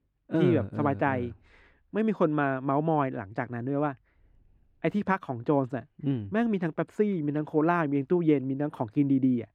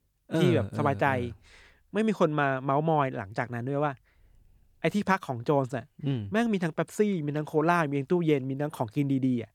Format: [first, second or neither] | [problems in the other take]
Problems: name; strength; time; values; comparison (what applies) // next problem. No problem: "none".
second | muffled; slightly; fading above 4 kHz